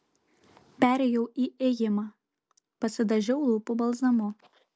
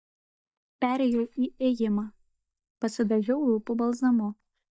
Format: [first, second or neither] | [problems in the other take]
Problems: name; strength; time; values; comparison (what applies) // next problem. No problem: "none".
first | noise reduction (neural mask model DeepFilterNet 3)